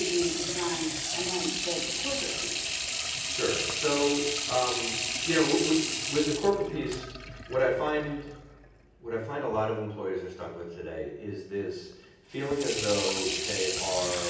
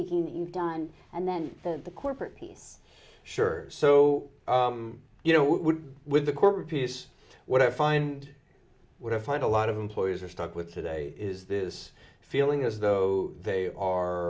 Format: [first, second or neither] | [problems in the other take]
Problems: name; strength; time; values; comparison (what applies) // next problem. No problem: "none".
second | background sound (Sink (filling or washing) / Water tap, faucet); 3 dB below the speech // room echo; dies away in 0.9 s